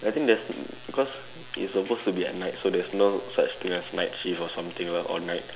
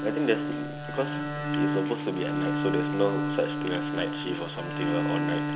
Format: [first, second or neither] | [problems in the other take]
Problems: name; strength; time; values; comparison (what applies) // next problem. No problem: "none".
first | background sound (Bowed string instrument); 2 dB above the speech